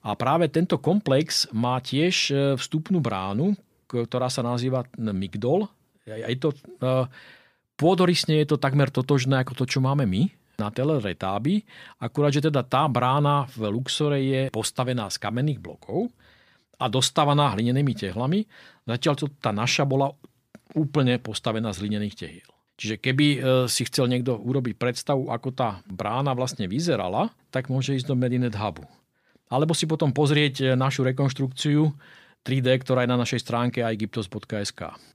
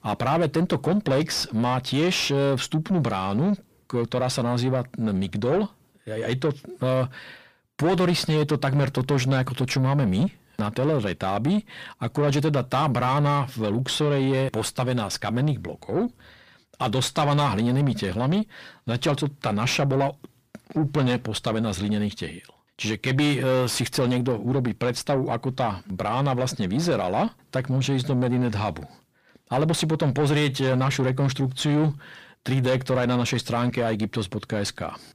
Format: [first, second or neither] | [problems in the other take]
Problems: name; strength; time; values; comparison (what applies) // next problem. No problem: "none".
first | distortion; slight; 10 dB below the speech